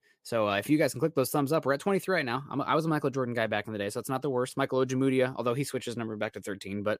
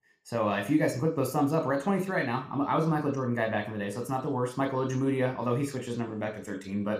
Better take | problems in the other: first | room echo; very slight; dies away in 0.4 s

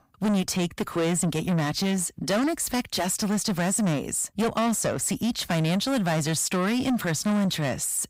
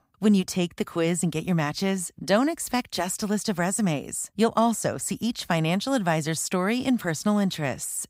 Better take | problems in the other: second | distortion; heavy; 7 dB below the speech

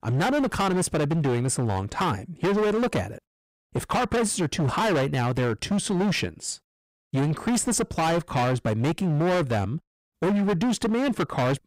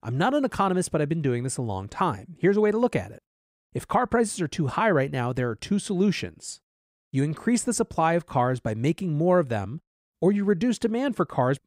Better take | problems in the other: second | distortion; heavy; 24% of the sound clipped

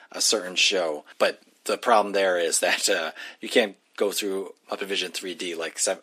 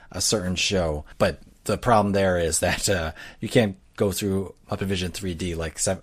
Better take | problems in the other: second | thin; somewhat; fading below 250 Hz

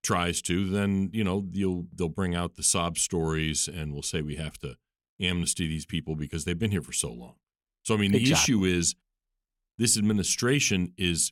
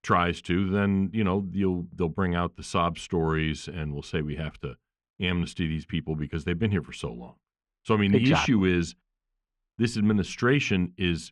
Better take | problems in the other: first | muffled; very; fading above 2.5 kHz

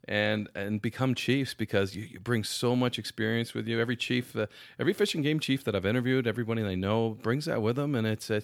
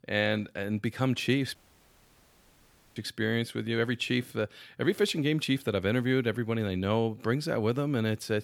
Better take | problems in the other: first | audio cutting out; at 1.5 s for 1.5 s

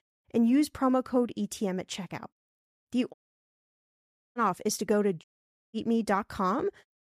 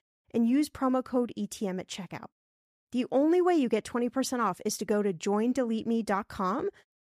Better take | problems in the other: second | audio cutting out; at 3 s for 1 s and at 5 s

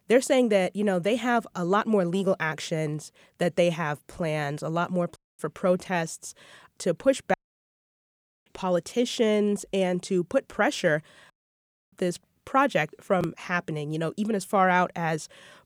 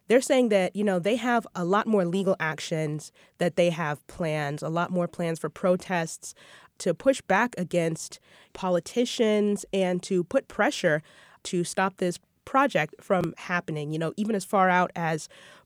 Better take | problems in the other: second | audio cutting out; at 5 s, at 7.5 s for 1 s and at 11 s for 0.5 s

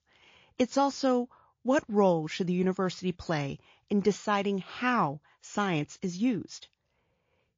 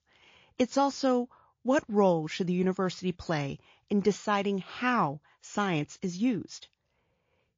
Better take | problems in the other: neither | garbled, watery; slightly; the same in both

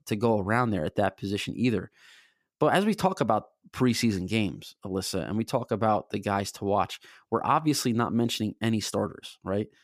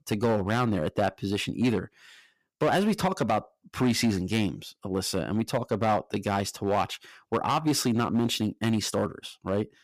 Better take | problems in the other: first | distortion; slight; 6% of the sound clipped

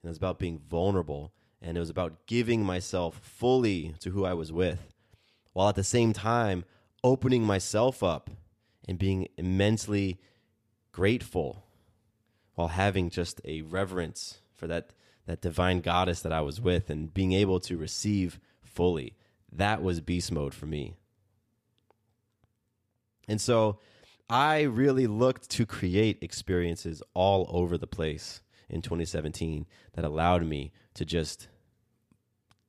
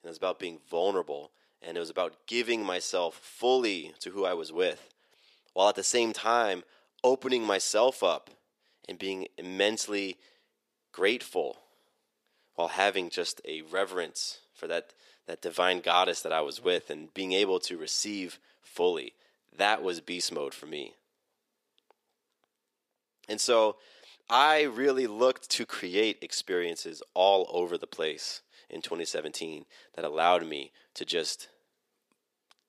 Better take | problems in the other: first | thin; somewhat; fading below 400 Hz

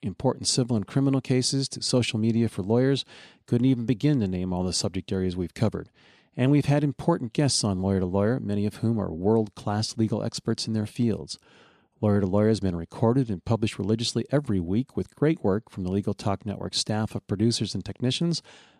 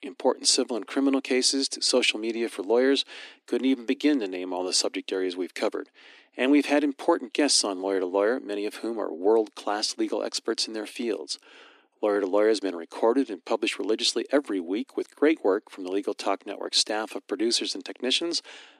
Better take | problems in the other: first | thin; somewhat; fading below 300 Hz

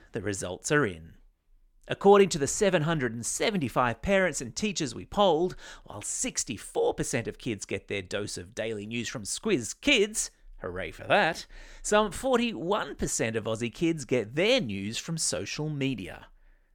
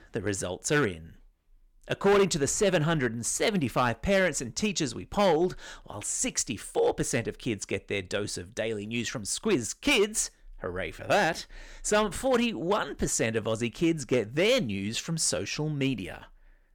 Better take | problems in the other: first | distortion; slight; 3% of the sound clipped

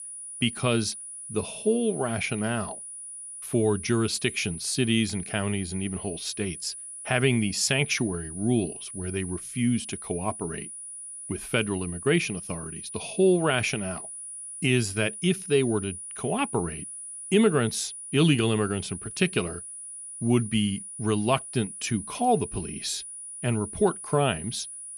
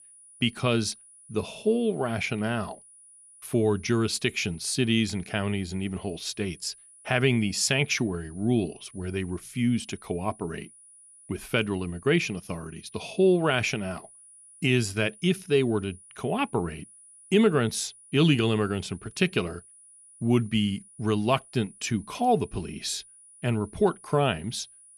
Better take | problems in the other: second | high-pitched whine; loud; throughout; 9.5 kHz, 10 dB below the speech; faint in the second

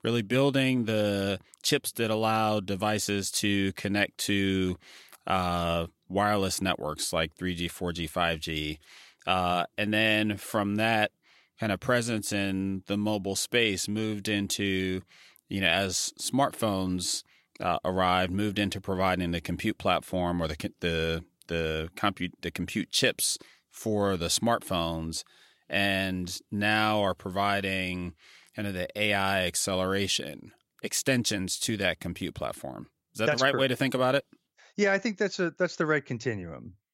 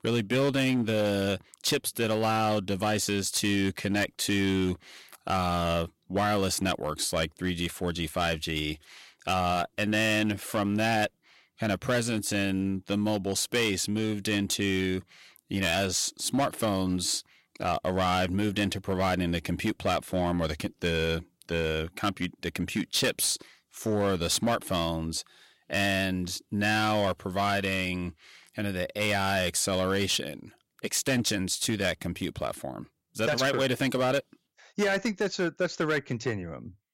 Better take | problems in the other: first | distortion; slight; 7% of the sound clipped

